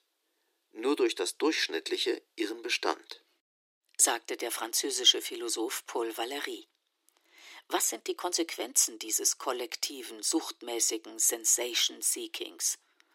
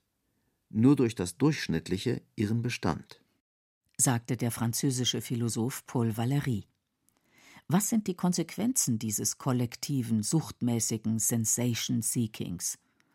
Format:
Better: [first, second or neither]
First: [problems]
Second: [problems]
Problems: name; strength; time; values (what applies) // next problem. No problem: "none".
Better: second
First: thin; very; fading below 300 Hz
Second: none